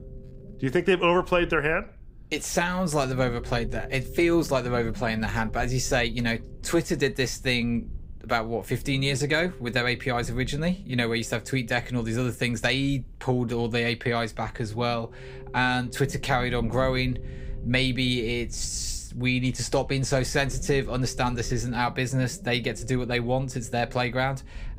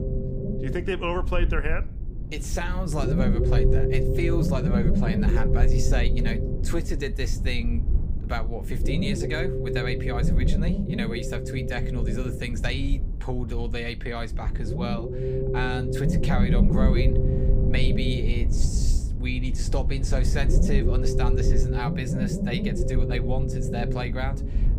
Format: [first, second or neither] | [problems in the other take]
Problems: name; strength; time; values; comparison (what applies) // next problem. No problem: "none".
first | low rumble; loud; throughout; 1 dB below the speech; faint in the first